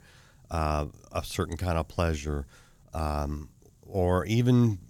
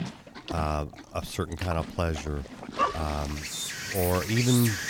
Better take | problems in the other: first | animal sounds; loud; throughout; 3 dB below the speech

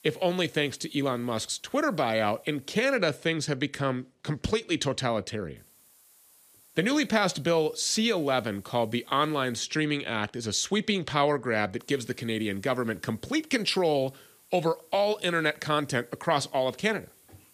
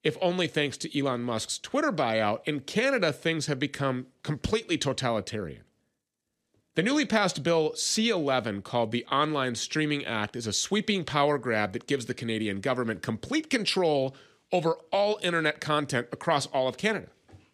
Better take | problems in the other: second | hiss; faint; until 3 s, from 5.5 to 9.5 s and from 12 s on; 30 dB below the speech

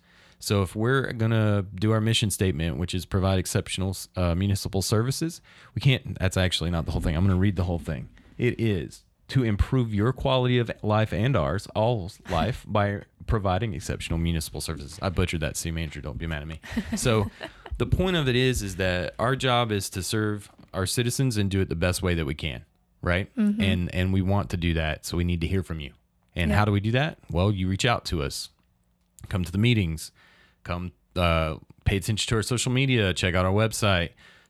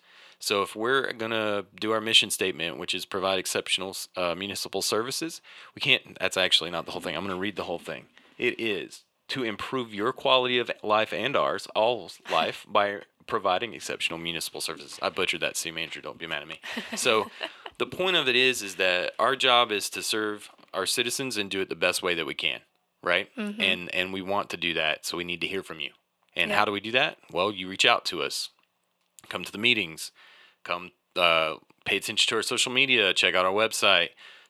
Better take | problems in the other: first | thin; very; fading below 450 Hz

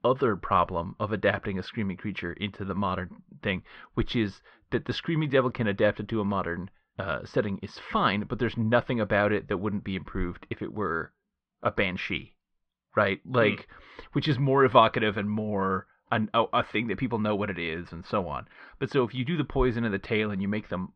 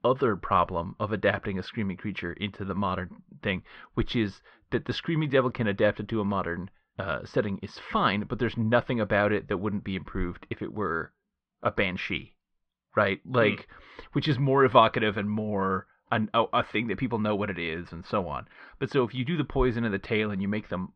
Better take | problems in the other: neither | muffled; slightly; fading above 3.5 kHz; the same in both

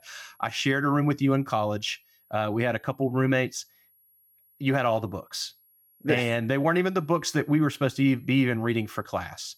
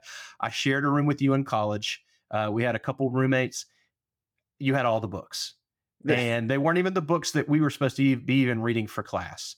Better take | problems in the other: second | high-pitched whine; faint; throughout; 11.5 kHz, 35 dB below the speech

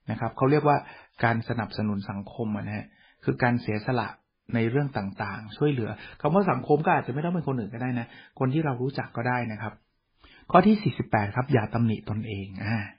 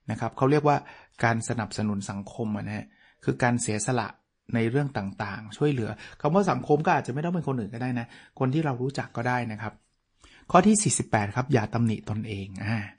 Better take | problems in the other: second | garbled, watery; badly; nothing above 5 kHz; slightly in the second

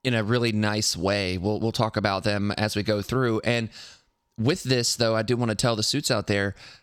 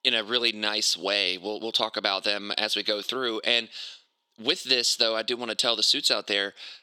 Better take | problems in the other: first | thin; somewhat; fading below 300 Hz

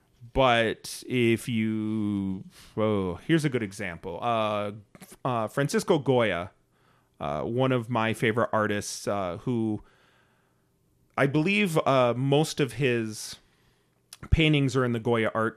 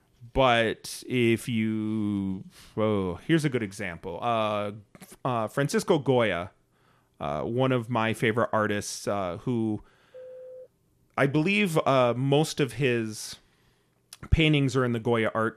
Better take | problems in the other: first | phone ringing; faint; at 10 s; peak 20 dB below the speech

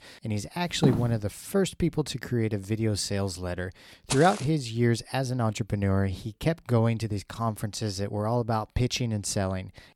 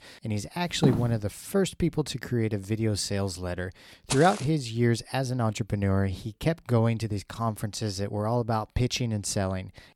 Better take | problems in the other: neither | footsteps; loud; at 1 s; peak level with the speech; the same in both // footsteps; noticeable; at 4 s; peak 4 dB below the speech; the same in both

